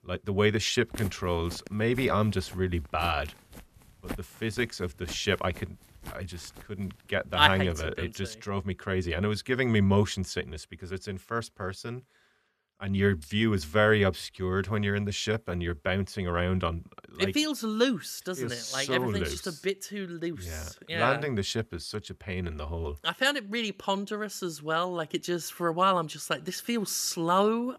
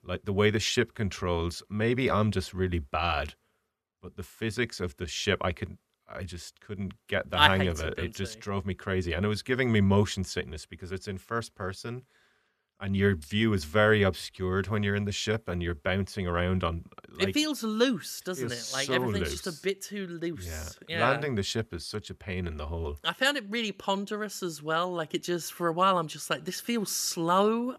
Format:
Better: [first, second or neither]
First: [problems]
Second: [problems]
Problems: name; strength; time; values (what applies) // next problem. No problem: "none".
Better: second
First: footsteps; faint; from 1 to 7 s; peak 10 dB below the speech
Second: none